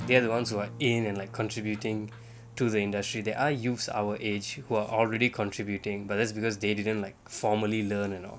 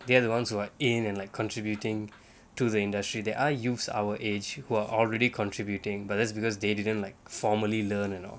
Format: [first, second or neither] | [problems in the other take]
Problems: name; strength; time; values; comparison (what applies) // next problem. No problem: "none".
second | background sound (Acoustic guitar); 17 dB below the speech